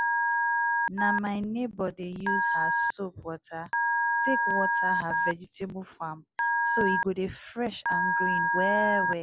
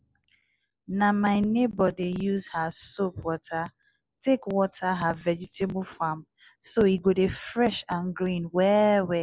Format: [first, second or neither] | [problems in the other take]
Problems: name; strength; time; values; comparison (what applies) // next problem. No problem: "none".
second | background sound (Telephone); 5 dB above the speech